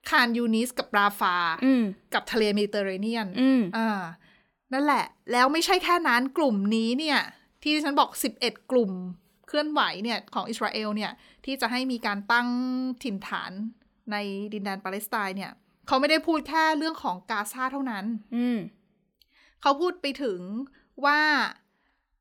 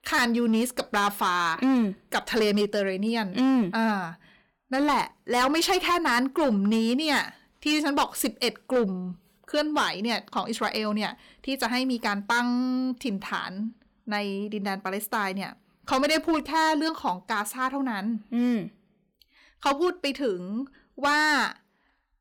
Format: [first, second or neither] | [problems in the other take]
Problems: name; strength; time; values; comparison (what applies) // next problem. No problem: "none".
first | distortion; slight; 6% of the sound clipped